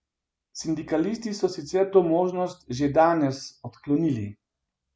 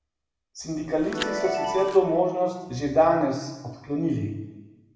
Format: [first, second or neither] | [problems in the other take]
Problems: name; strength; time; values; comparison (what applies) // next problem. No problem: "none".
first | background sound (Chime); 9 dB below the speech // room echo; dies away in 1.1 s